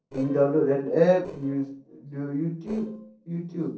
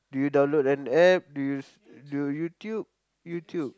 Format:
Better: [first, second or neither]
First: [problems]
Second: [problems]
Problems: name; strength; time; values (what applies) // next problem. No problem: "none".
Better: second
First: noise reduction (neural separator model SepFormer DNS4)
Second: none